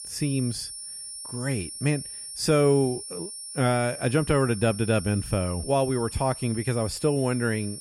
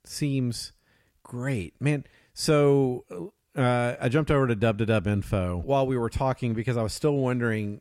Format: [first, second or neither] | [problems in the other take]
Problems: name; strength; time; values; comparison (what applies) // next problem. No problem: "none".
second | high-pitched whine; noticeable; throughout; 9 kHz, 10 dB below the speech